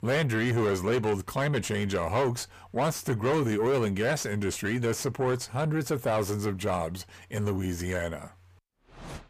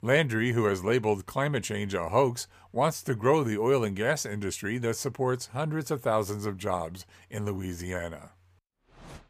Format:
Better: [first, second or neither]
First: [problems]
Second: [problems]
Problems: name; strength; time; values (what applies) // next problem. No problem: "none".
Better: second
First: distortion; heavy; 8 dB below the speech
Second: none